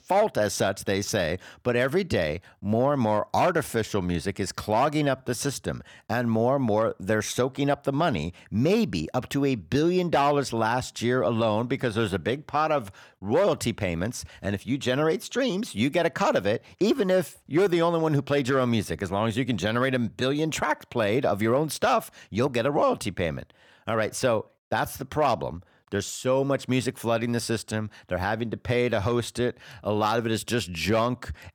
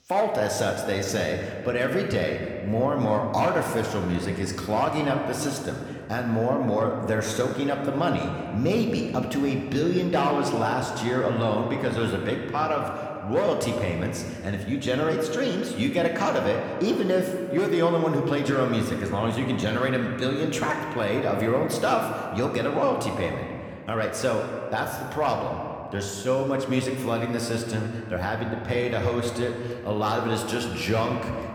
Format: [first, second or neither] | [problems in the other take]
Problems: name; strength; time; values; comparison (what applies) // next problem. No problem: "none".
first | room echo; slight; dies away in 2 s